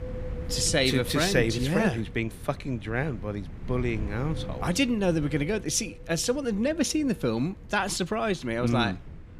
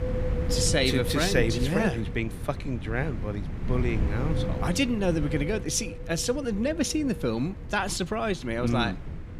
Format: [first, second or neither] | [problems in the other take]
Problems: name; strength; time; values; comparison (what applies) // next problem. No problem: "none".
first | wind noise on the microphone; heavy; 10 dB below the speech; occasional gusts in the first